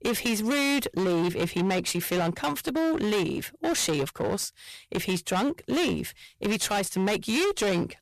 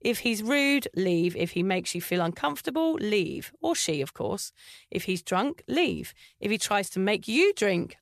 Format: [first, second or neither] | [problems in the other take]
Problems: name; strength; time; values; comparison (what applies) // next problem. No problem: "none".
second | distortion; heavy; 26% of the sound clipped